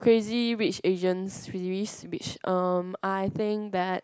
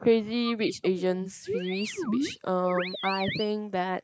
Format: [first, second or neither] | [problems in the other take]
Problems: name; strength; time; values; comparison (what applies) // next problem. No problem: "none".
first | noise reduction (neural mask model Resemble Enhance denoiser)